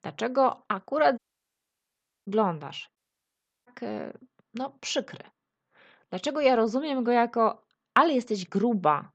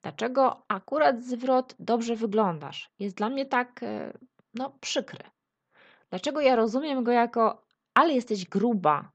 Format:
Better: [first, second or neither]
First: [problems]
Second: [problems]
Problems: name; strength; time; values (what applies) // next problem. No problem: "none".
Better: second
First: audio cutting out; at 1 s for 1 s and at 3 s for 0.5 s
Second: none